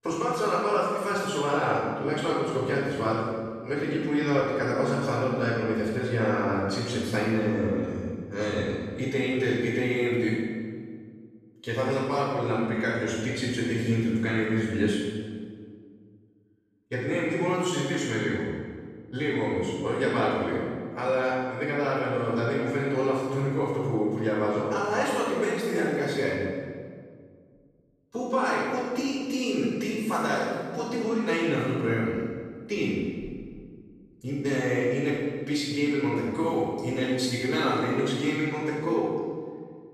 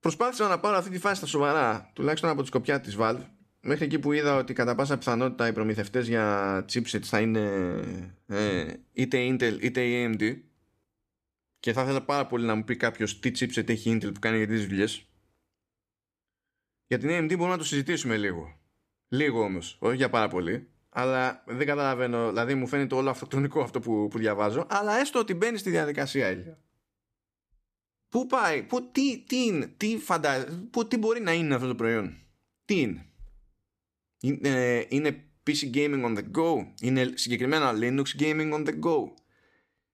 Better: second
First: off-mic speech; far // room echo; strong; dies away in 1.5 s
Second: none

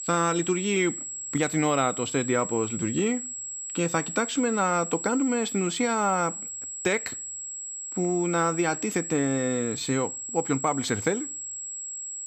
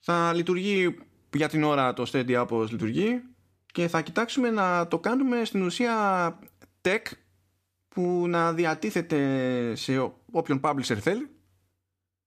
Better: second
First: high-pitched whine; loud; throughout; 7.5 kHz, 6 dB below the speech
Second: none

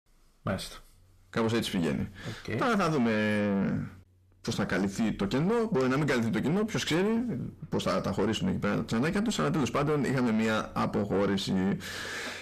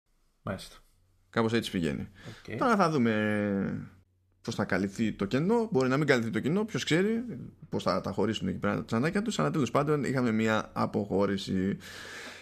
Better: second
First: distortion; heavy; 6 dB below the speech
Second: none

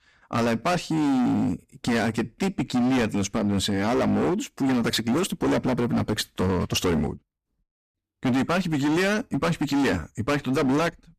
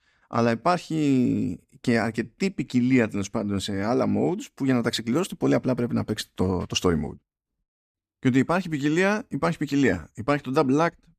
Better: second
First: distortion; heavy; 22% of the sound clipped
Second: none

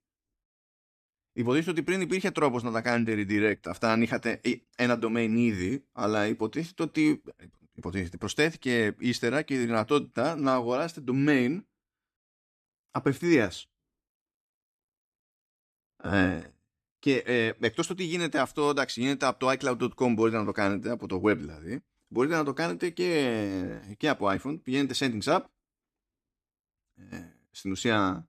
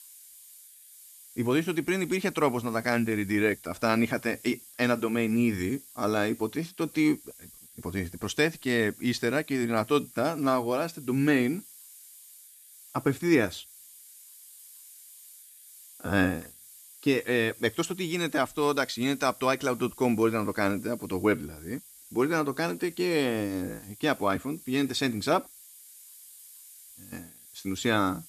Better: first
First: none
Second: hiss; noticeable; throughout; 20 dB below the speech

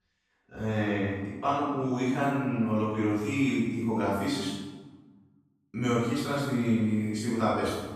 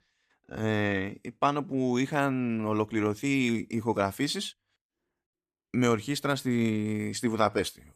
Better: second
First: off-mic speech; far // room echo; strong; dies away in 1.1 s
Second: none

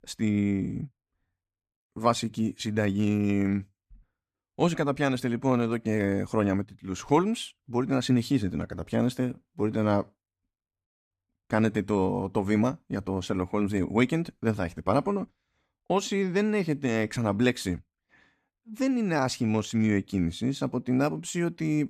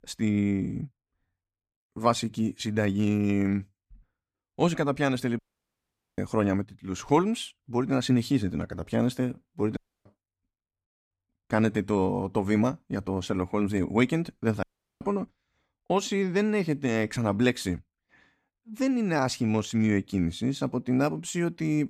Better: first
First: none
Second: audio cutting out; at 5.5 s for 1 s, at 10 s and at 15 s

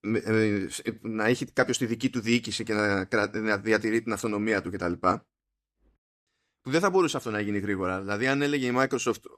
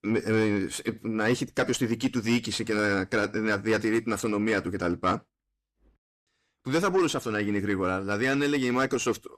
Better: first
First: none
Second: distortion; slight; 10 dB below the speech

